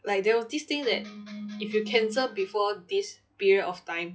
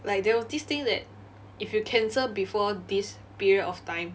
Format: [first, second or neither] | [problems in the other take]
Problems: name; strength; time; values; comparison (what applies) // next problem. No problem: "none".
second | noise reduction (classical method log-MMSE)